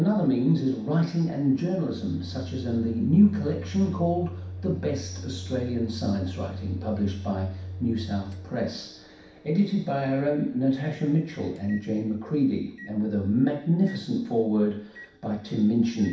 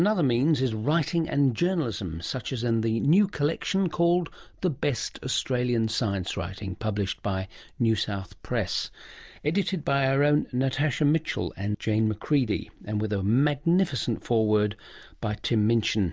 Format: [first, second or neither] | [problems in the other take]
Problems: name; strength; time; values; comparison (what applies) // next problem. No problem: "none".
second | background sound (Microwave oven); 13 dB below the speech // room echo; dies away in 0.6 s